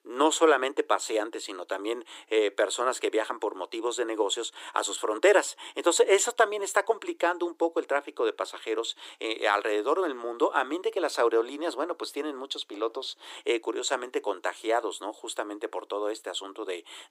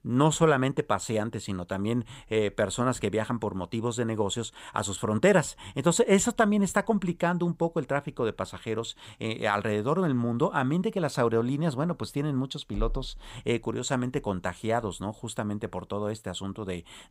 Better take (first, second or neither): second